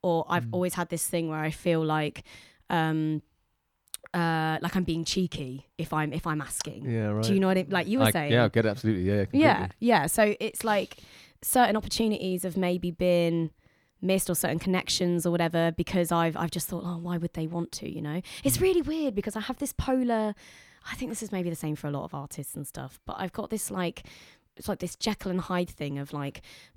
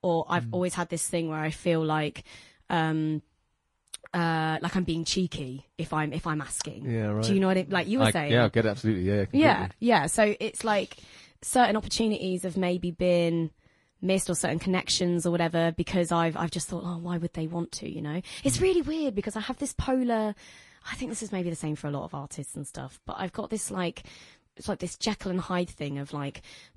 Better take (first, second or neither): first